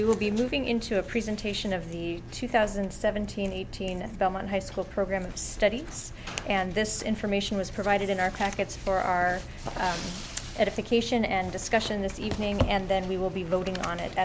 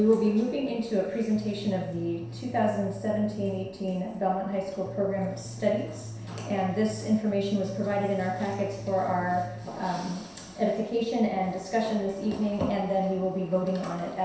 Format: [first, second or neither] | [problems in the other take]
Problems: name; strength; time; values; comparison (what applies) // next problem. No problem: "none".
first | background sound (Bass guitar); 12 dB below the speech // room echo; dies away in 0.7 s